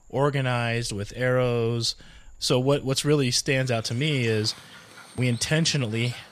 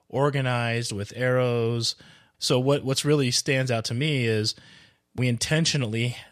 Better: second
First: animal sounds; faint; throughout; 20 dB below the speech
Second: none

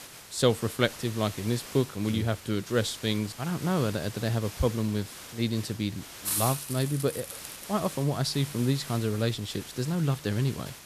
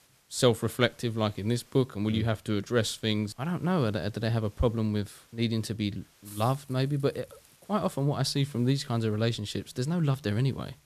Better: second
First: hiss; loud; throughout; 10 dB below the speech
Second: hiss; faint; throughout; 25 dB below the speech

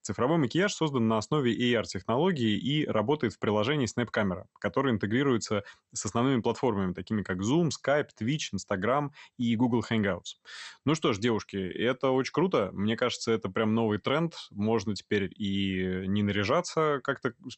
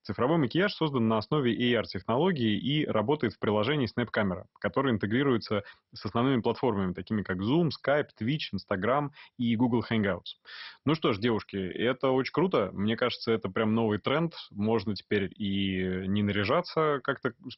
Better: first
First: garbled, watery; slightly; nothing above 8 kHz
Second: garbled, watery; badly; nothing above 5.5 kHz

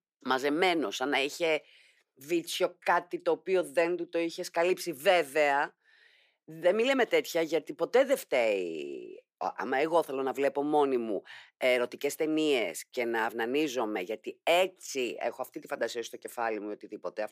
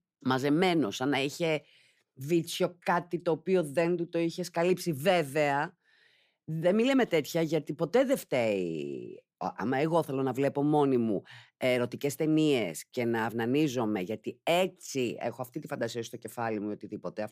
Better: second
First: thin; somewhat; fading below 450 Hz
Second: none

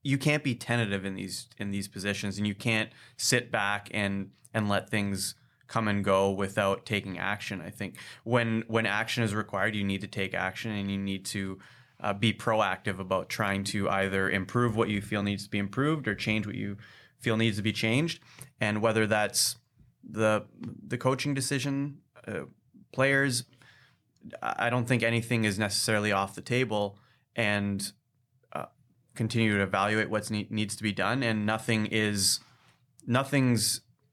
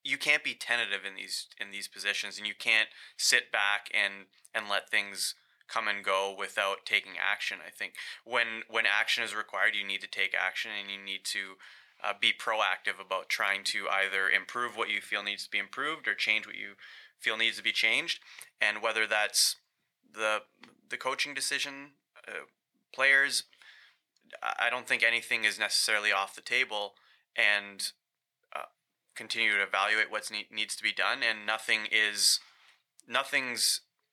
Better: first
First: none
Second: thin; very; fading below 700 Hz

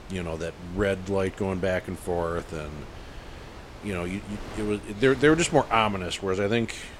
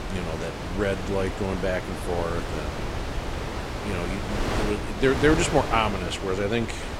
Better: first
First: wind noise on the microphone; occasional gusts; 20 dB below the speech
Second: wind noise on the microphone; heavy; 5 dB below the speech

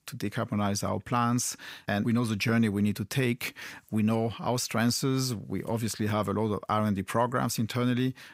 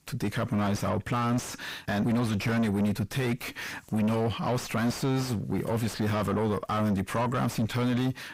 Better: first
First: none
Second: distortion; heavy; 7 dB below the speech

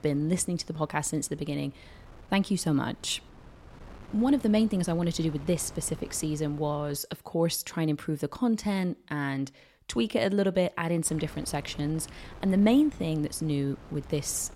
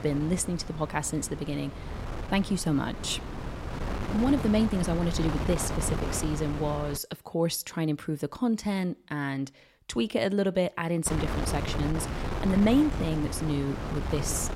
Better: first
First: wind noise on the microphone; occasional gusts; until 7 s and from 11 s on; 20 dB below the speech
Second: wind noise on the microphone; heavy; until 7 s and from 11 s on; 6 dB below the speech

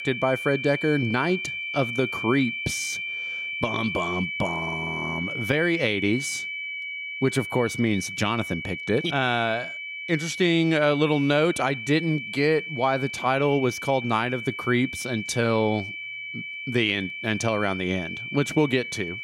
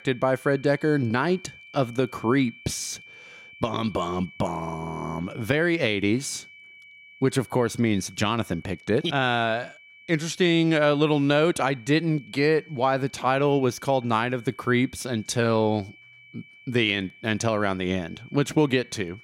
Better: second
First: high-pitched whine; loud; throughout; 2.5 kHz, 6 dB below the speech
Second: high-pitched whine; faint; throughout; 2.5 kHz, 20 dB below the speech

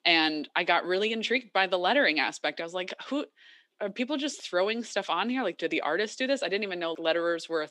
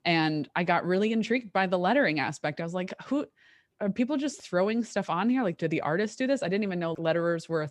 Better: second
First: thin; very slightly; fading below 250 Hz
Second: none

